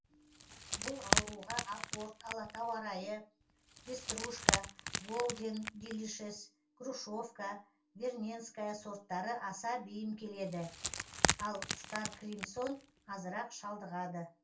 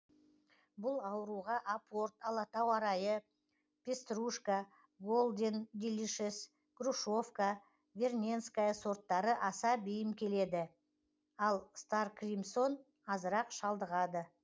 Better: second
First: background sound (Wood); 3 dB above the speech // room echo; dies away in 0.2 s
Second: none

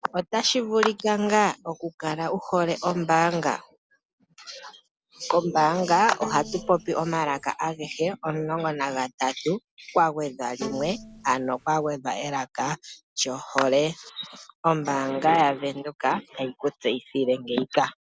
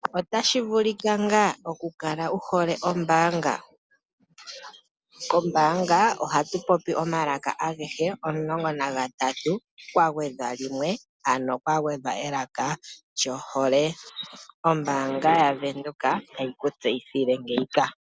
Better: second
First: background sound (Bowed string instrument + Clapping); 10 dB below the speech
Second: none

